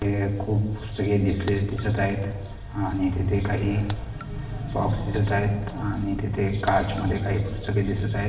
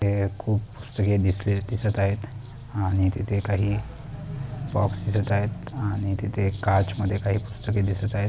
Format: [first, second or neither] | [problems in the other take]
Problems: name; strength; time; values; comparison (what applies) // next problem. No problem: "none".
second | background sound (Raindrop); 16 dB below the speech // room echo; dies away in 1.1 s